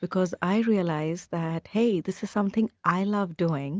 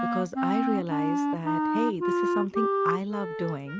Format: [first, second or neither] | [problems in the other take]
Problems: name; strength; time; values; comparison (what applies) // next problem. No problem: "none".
first | background sound (Wind instrument, woodwind instrument); 4 dB above the speech